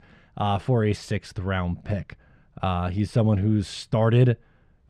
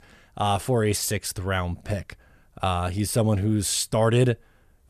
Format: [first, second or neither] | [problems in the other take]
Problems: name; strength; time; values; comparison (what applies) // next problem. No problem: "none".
second | muffled; slightly; fading above 3.5 kHz